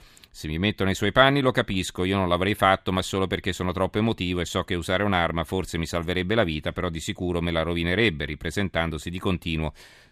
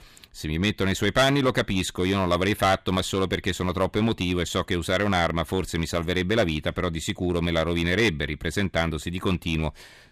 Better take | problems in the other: first | distortion; slight; 4% of the sound clipped

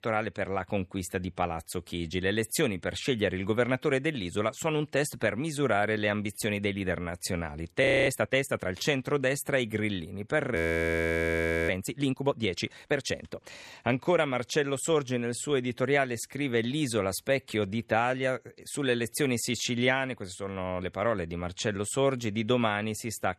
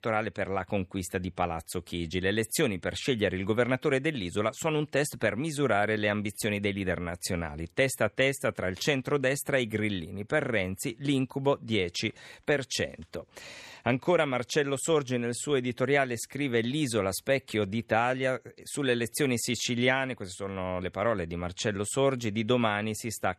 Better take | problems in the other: second | audio freezing; at 8 s and at 11 s for 1 s

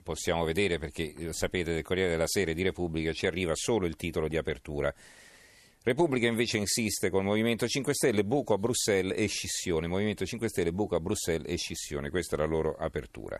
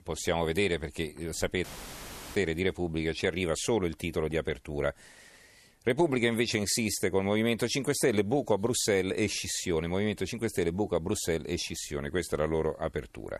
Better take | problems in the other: first | audio cutting out; filled with static; at 1.5 s for 0.5 s

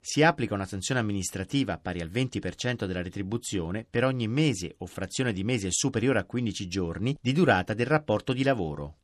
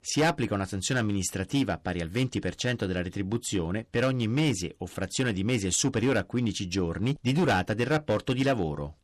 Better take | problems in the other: first | distortion; slight; 6% of the sound clipped

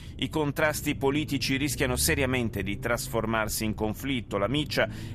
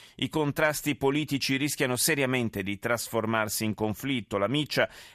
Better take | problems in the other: second | low rumble; faint; throughout; 20 dB below the speech

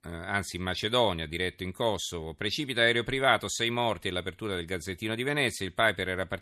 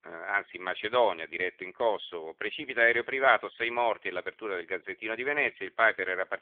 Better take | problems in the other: first | phone-call audio; nothing above 3.5 kHz

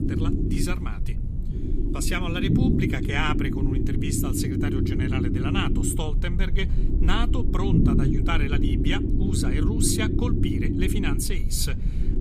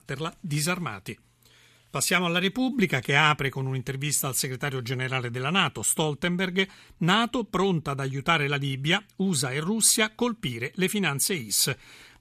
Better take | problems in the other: second | low rumble; loud; throughout; 2 dB below the speech

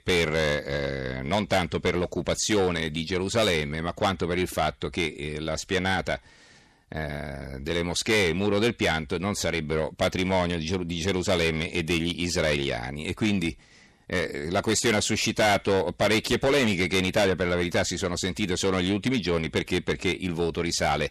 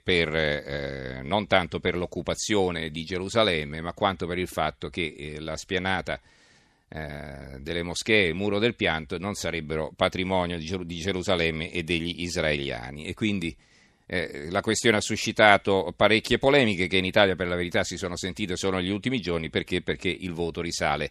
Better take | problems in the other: second | distortion; heavy; 6 dB below the speech

